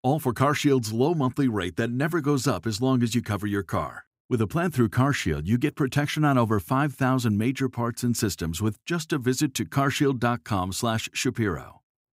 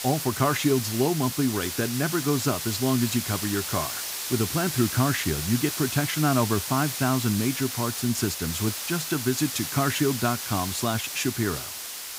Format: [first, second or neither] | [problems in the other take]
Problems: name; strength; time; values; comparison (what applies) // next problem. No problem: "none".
first | hiss; loud; throughout; 4 dB below the speech